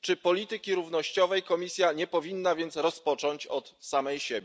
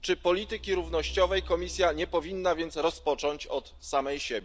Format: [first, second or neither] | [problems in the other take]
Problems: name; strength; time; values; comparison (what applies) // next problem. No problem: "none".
first | background sound (Truck); 15 dB below the speech